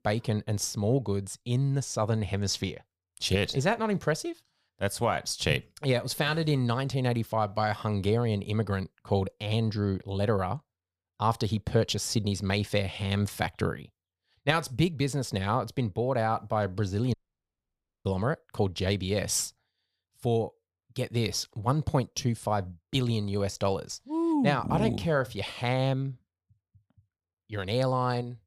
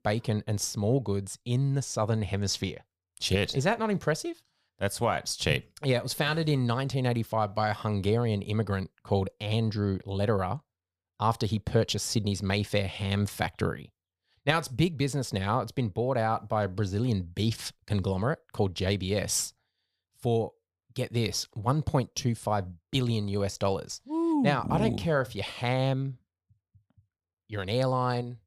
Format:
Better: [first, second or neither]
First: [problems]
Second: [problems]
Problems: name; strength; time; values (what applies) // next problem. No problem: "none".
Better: second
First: audio cutting out; at 17 s for 1 s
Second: none